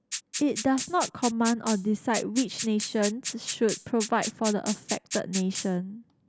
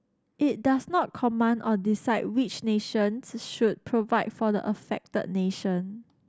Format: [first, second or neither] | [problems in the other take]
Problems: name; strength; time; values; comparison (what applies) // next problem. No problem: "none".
second | background sound (Rattle (instrument)); 8 dB below the speech